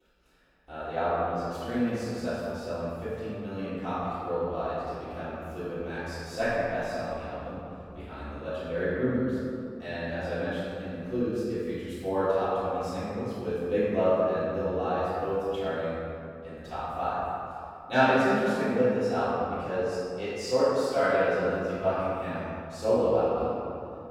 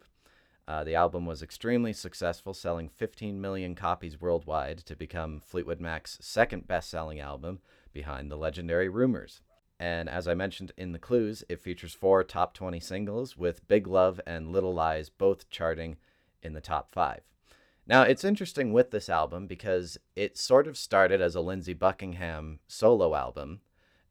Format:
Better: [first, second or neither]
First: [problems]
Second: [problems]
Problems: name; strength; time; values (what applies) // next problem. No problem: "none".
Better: second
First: off-mic speech; far // room echo; strong; dies away in 2.3 s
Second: none